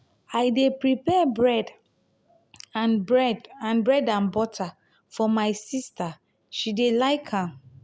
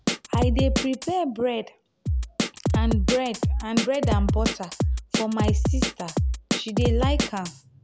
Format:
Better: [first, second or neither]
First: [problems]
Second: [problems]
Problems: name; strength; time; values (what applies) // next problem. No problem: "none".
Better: first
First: none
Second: background sound (Drum kit); 4 dB above the speech